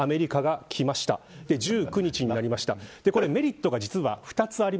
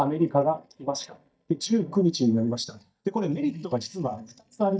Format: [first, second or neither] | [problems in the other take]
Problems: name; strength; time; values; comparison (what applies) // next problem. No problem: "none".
first | noise reduction (neural mask model DeepFilterNet 3)